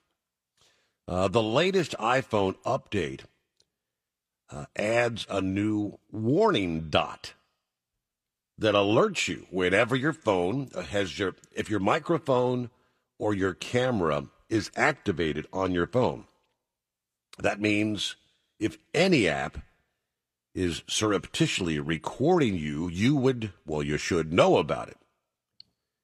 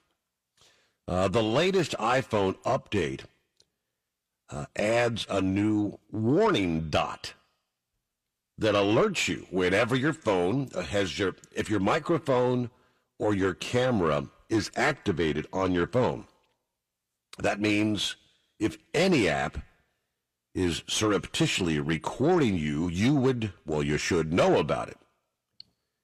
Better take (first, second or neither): first